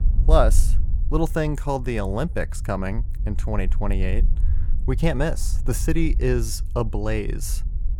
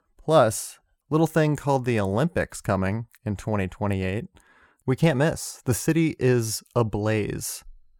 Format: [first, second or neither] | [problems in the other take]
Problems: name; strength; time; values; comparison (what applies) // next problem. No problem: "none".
second | low rumble; noticeable; throughout; 20 dB below the speech